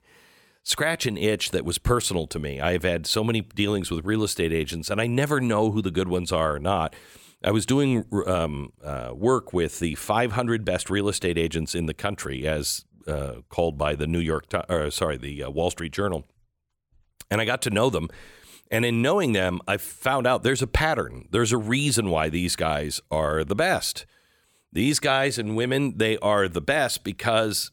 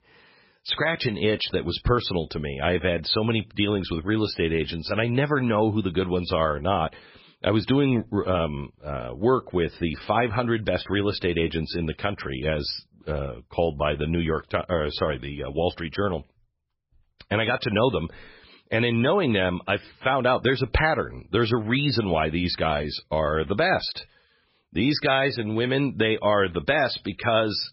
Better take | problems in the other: first | garbled, watery; badly; nothing above 5.5 kHz

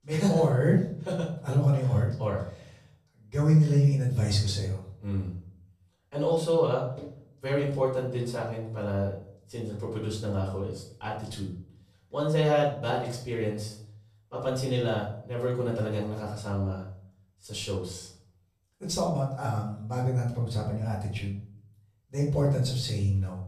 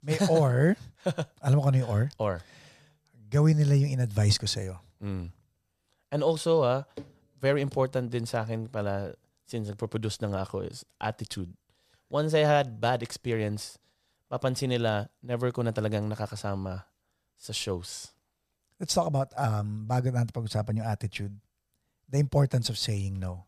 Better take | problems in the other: second | off-mic speech; far // room echo; noticeable; dies away in 0.5 s

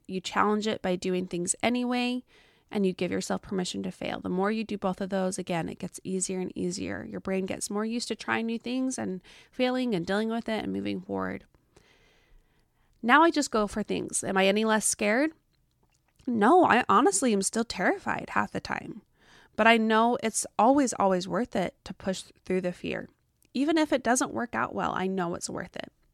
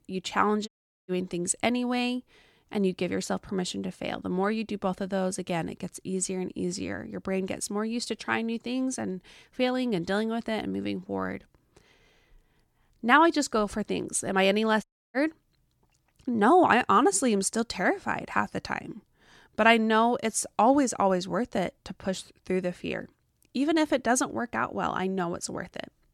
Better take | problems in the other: first | audio cutting out; at 0.5 s and at 15 s

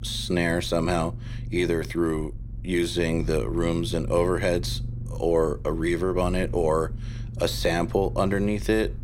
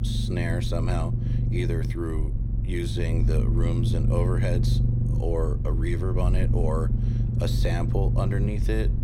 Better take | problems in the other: first | low rumble; loud; throughout; 5 dB below the speech; faint in the first

